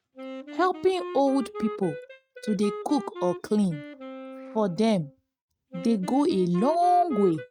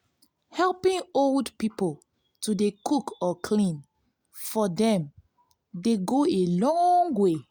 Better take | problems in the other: second | noise reduction (neural mask model RNNoise)

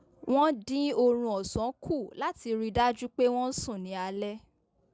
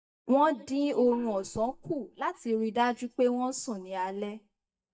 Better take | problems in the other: first | noise reduction (neural mask model DeepFilterNet 3)

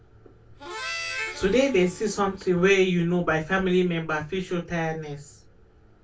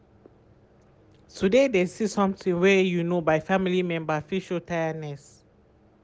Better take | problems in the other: second | background sound (Harmonica); 12 dB below the speech // room echo; dies away in 0.2 s

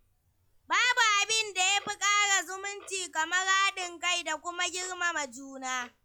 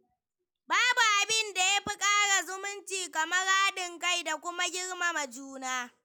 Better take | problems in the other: second | noise reduction (classical method log-MMSE)

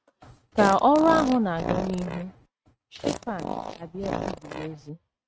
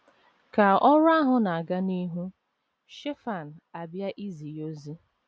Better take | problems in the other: second | noise reduction (neural mask model RNNoise)

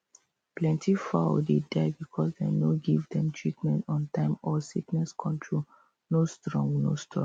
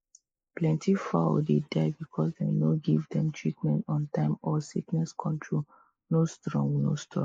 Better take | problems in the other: first | noise reduction (neural mask model Resemble Enhance denoiser)

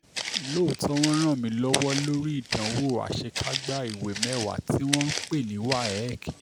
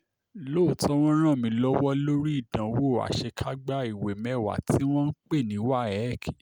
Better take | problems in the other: second | background sound (Walk, footsteps); 6 dB below the speech

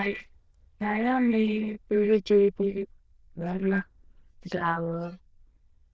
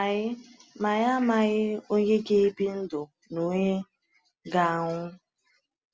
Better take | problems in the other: second | noise reduction (neural diffusion model UNIVERSE++)

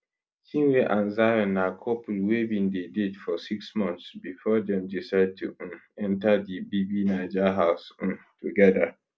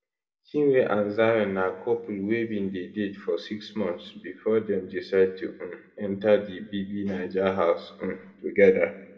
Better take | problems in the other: first | room echo; dies away in 0.9 s

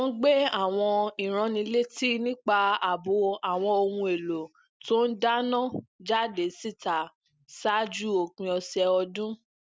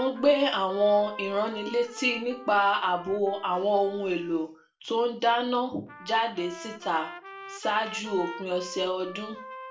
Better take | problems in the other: first | background sound (Trumpet); 16 dB below the speech // room echo; dies away in 0.3 s

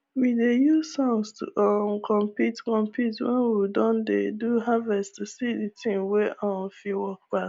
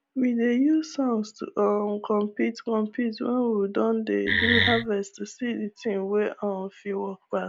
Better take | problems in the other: first | background sound (Wood); 3 dB above the speech

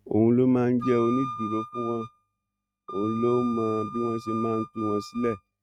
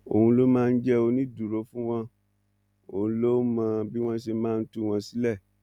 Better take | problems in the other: second | noise reduction (neural mask model RNNoise)

